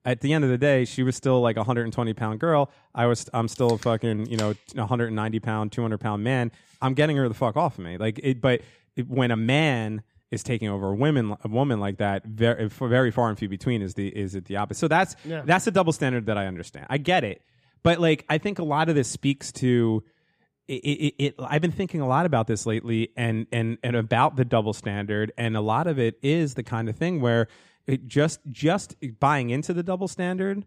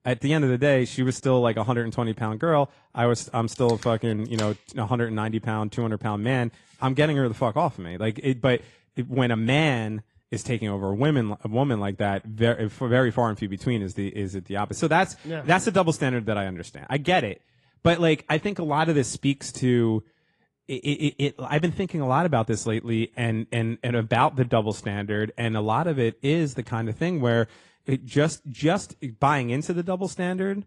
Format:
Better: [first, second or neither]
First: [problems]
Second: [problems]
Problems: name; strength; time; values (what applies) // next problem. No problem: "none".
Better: first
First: none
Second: garbled, watery; slightly